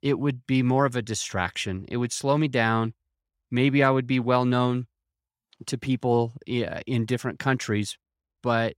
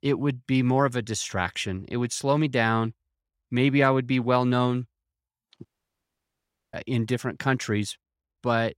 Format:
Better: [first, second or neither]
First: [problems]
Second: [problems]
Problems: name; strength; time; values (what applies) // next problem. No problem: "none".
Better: first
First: none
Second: audio cutting out; at 5.5 s for 1 s